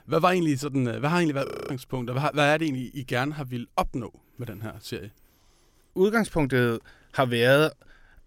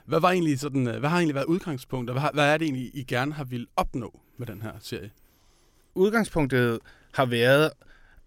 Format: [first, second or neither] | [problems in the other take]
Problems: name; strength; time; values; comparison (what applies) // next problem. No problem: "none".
second | audio freezing; at 1.5 s